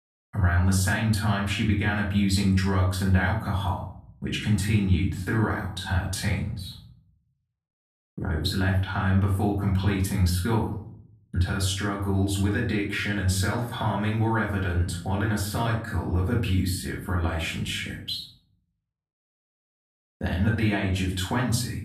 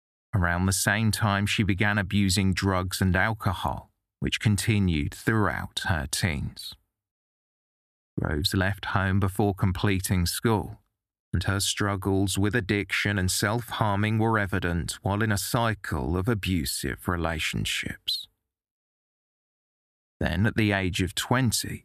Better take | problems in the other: second | off-mic speech; far // room echo; noticeable; dies away in 0.5 s

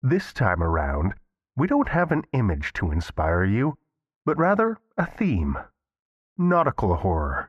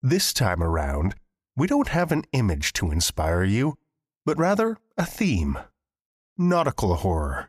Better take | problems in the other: second | muffled; very; fading above 3.5 kHz

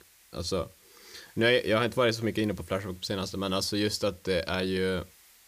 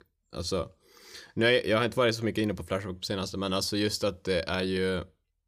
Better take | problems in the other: second | hiss; faint; throughout; 25 dB below the speech

